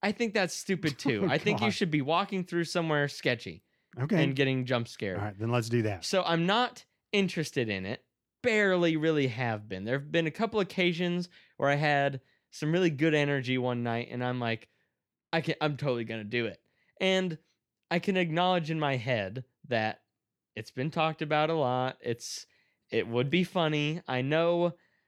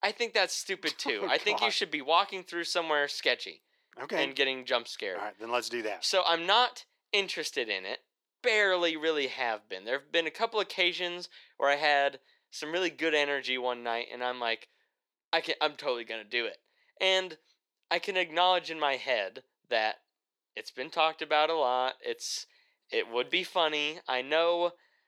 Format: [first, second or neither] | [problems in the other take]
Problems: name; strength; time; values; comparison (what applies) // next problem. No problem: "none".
first | thin; very; fading below 450 Hz